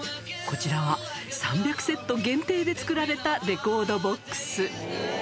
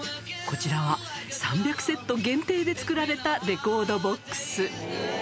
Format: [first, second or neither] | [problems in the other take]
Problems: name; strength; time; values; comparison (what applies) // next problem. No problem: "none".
second | background sound (Chicken, rooster); 19 dB below the speech